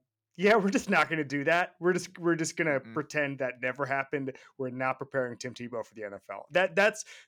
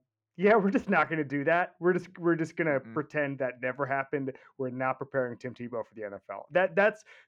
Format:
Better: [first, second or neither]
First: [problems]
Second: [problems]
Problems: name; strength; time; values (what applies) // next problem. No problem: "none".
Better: first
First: none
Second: muffled; very; fading above 3.5 kHz